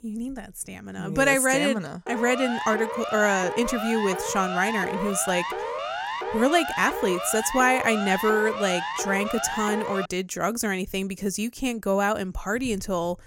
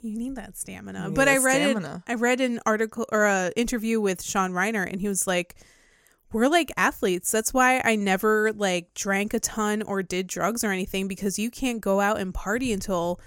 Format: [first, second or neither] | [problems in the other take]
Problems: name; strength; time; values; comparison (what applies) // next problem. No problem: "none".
second | siren; noticeable; from 2 to 10 s; peak 5 dB below the speech